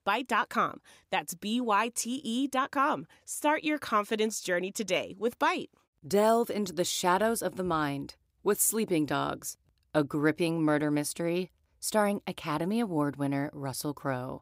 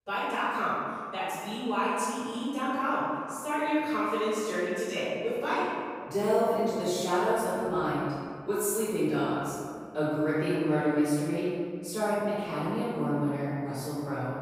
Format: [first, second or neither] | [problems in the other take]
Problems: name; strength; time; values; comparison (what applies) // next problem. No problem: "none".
first | off-mic speech; far // room echo; strong; dies away in 2 s